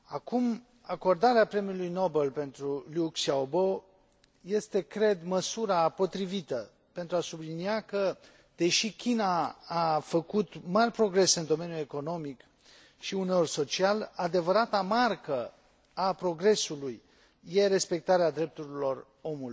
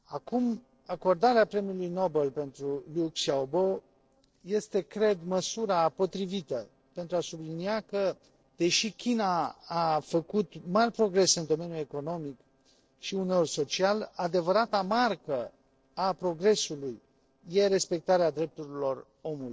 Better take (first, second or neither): first